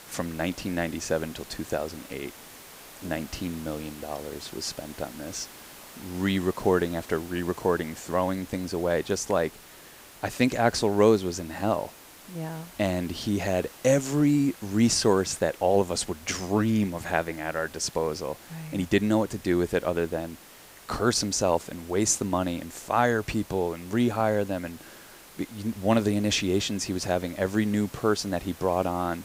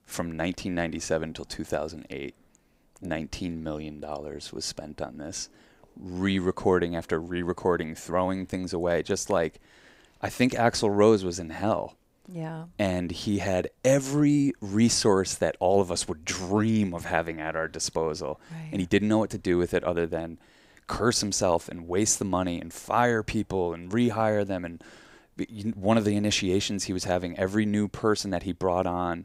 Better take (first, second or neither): second